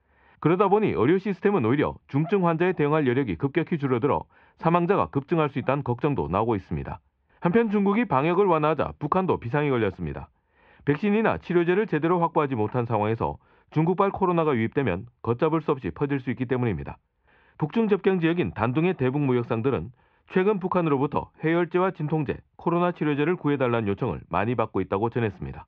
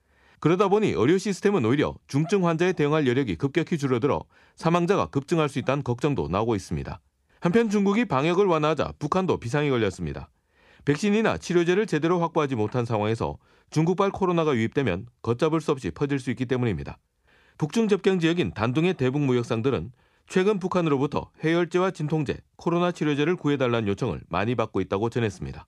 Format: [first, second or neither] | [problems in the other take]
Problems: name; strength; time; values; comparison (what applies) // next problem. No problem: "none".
second | muffled; very; fading above 3 kHz